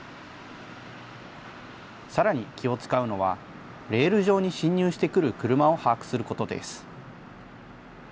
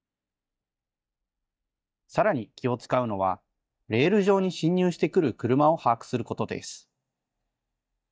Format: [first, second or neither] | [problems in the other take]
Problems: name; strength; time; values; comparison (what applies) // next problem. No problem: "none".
first | noise reduction (neural mask model DeepFilterNet 3)